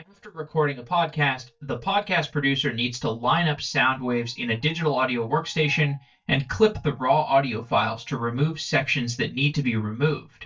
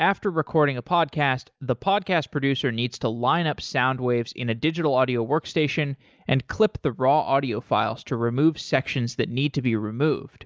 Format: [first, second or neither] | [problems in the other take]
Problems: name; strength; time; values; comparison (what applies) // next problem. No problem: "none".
second | noise reduction (neural mask model DeepFilterNet 3)